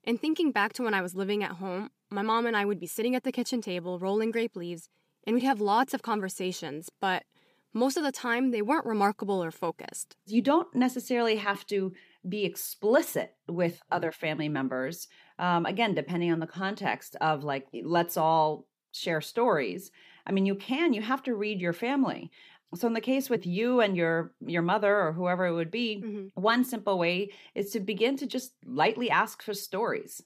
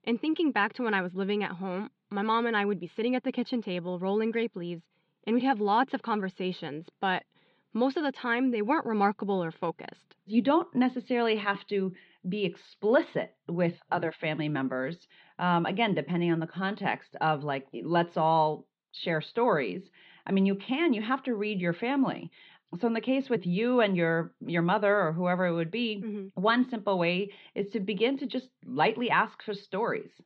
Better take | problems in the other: first | muffled; slightly; fading above 4 kHz

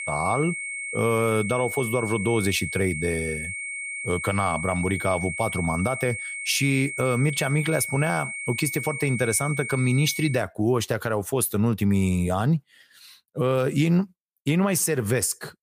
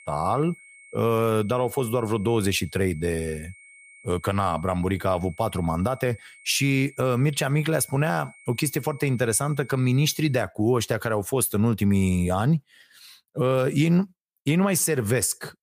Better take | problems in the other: second | high-pitched whine; loud; until 10 s; 2 kHz, 6 dB below the speech; faint in the second

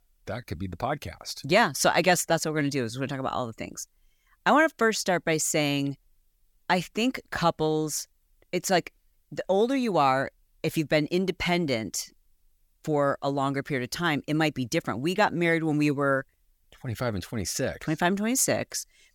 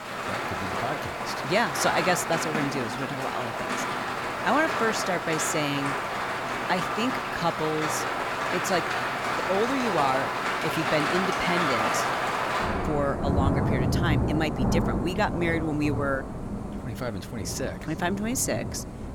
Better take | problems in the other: first | rain or running water; very loud; throughout; 1 dB above the speech

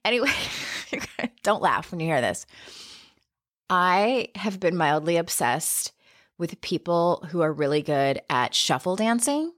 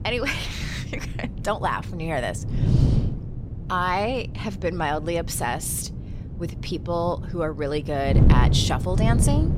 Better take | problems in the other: first | wind noise on the microphone; occasional gusts; 10 dB below the speech

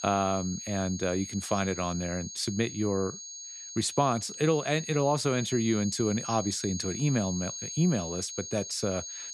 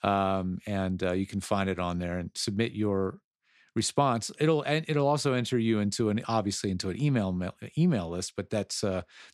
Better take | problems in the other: second | high-pitched whine; loud; throughout; 6.5 kHz, 8 dB below the speech

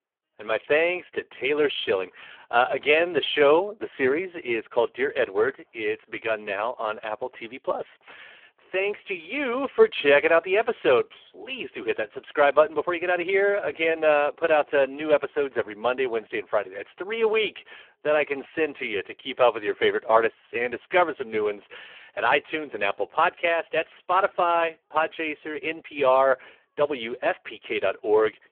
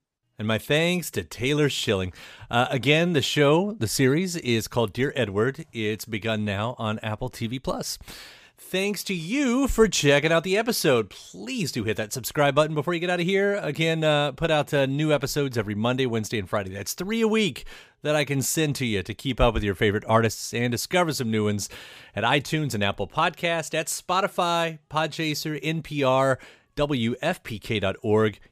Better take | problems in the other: second | phone-call audio; poor line; nothing above 3.5 kHz

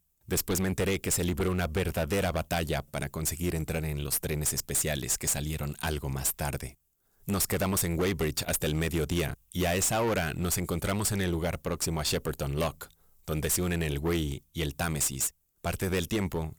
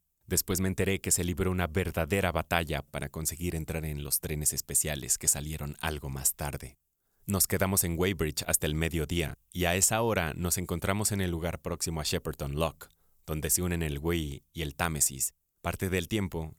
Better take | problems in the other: second | distortion; heavy; 16% of the sound clipped

